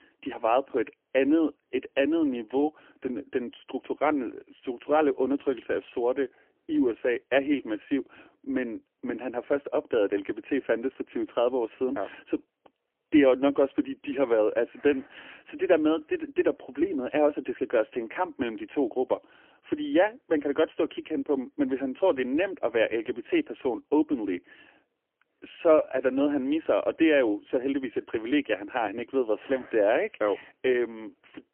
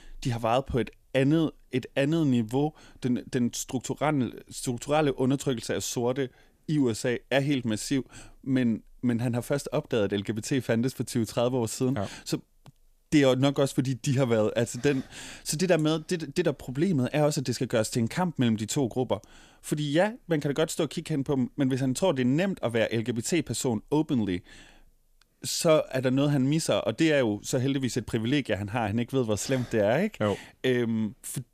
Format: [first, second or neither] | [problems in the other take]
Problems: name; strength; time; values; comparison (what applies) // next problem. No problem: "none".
second | phone-call audio; poor line; nothing above 3 kHz